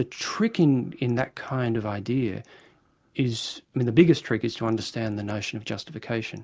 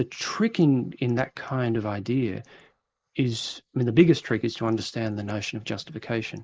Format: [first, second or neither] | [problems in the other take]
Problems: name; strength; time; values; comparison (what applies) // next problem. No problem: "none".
first | noise reduction (neural mask model Resemble Enhance denoiser)